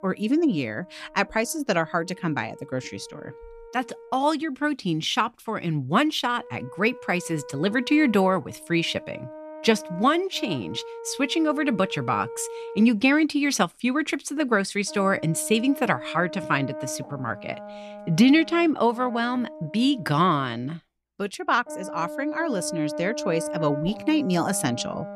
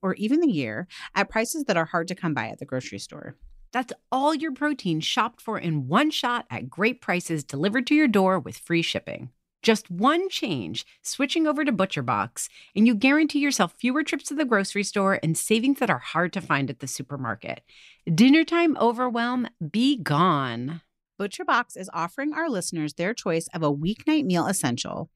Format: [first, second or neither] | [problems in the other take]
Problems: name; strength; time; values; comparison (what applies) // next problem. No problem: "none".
second | background music; noticeable; throughout; 15 dB below the speech